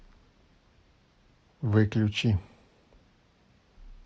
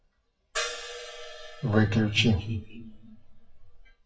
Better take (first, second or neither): first